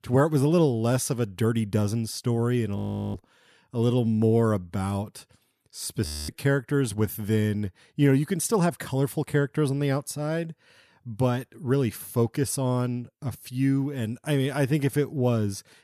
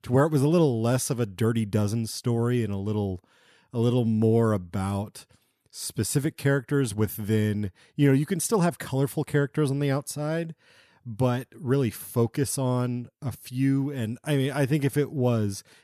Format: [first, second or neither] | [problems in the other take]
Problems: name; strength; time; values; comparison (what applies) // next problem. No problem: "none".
second | audio freezing; at 3 s and at 6 s